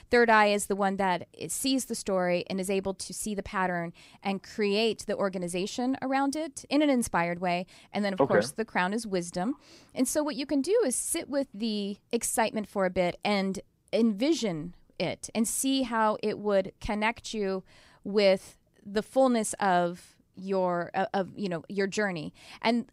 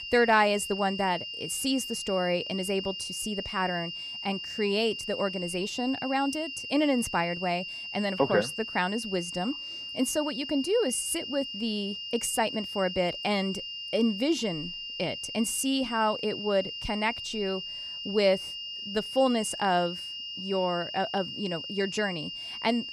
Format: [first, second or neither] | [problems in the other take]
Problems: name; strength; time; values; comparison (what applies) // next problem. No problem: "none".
first | high-pitched whine; loud; throughout; 3 kHz, 6 dB below the speech